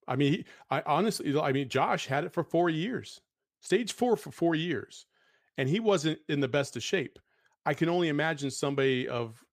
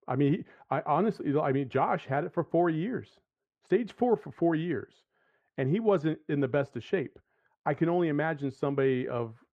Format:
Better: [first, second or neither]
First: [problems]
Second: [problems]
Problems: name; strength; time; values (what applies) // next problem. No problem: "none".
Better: first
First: none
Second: muffled; very; fading above 3.5 kHz